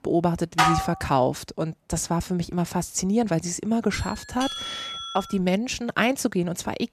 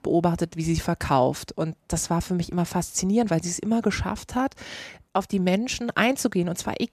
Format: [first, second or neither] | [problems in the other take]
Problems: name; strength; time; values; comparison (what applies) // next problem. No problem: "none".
second | clattering dishes; loud; at 0.5 s; peak 4 dB above the speech // doorbell; noticeable; from 4 to 5.5 s; peak 5 dB below the speech